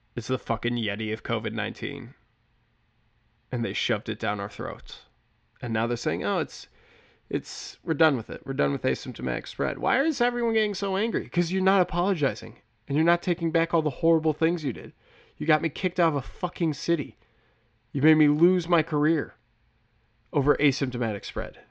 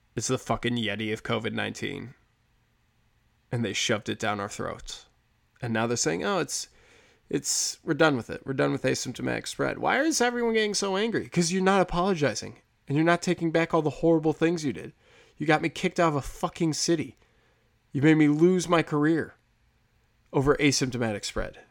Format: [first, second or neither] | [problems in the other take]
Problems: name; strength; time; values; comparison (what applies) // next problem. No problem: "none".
second | muffled; slightly; fading above 4.5 kHz